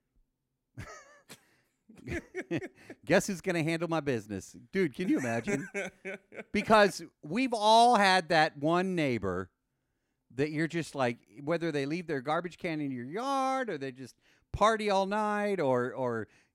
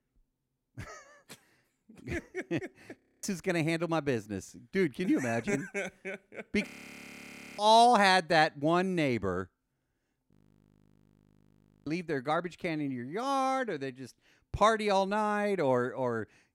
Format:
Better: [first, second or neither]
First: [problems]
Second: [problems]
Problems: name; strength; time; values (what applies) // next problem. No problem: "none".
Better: first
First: none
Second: audio freezing; at 3 s, at 6.5 s for 1 s and at 10 s for 1.5 s